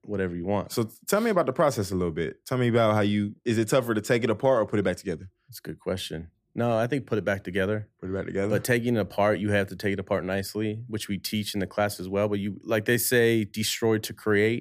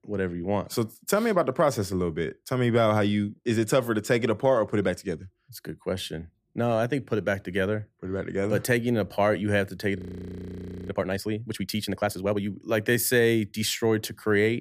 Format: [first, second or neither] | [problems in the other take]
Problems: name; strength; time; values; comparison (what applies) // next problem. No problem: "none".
first | audio freezing; at 10 s for 1 s